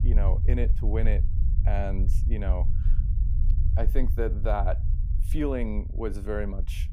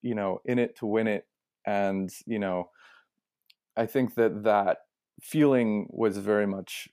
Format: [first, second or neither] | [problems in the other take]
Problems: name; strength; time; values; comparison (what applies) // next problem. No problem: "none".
second | low rumble; noticeable; throughout; 10 dB below the speech